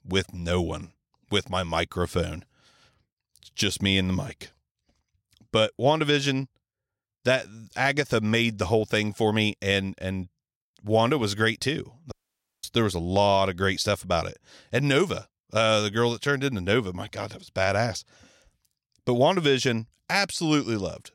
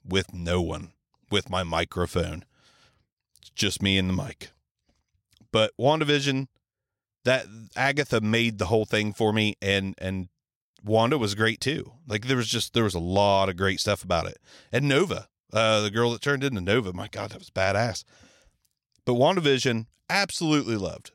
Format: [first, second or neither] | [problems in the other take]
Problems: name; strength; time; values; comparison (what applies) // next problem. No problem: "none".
second | audio cutting out; at 12 s for 0.5 s